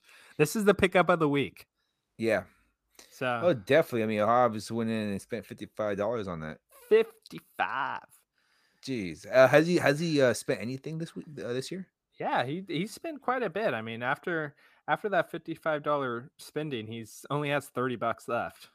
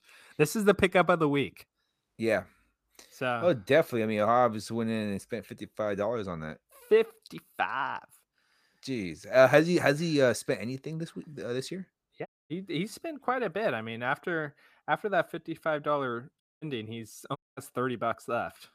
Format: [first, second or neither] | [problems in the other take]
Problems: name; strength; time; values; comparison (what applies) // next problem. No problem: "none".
first | audio cutting out; at 12 s, at 16 s and at 17 s